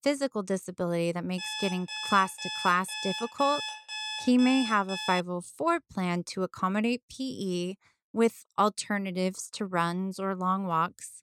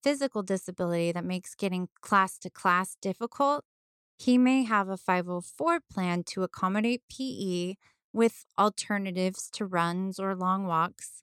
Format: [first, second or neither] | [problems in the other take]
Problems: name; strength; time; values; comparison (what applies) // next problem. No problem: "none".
second | alarm; noticeable; from 1.5 to 5 s; peak 4 dB below the speech